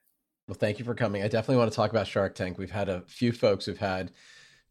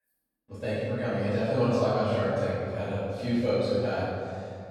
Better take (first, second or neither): first